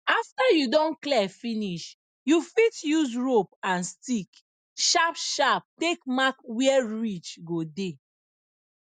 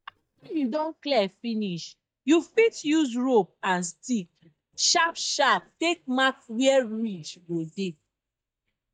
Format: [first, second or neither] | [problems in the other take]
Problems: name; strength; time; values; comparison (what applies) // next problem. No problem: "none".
first | noise reduction (neural mask model DeepFilterNet 3)